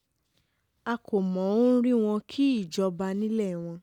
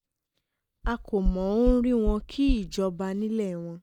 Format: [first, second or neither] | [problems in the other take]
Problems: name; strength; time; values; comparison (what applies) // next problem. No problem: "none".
first | noise reduction (neural mask model DeepFilterNet 3)